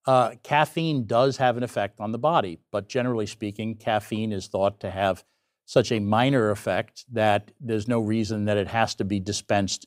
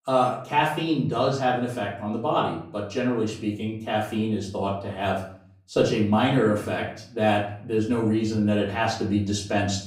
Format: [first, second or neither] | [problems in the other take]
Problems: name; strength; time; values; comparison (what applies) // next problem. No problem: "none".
first | off-mic speech; far // room echo; slight; dies away in 0.5 s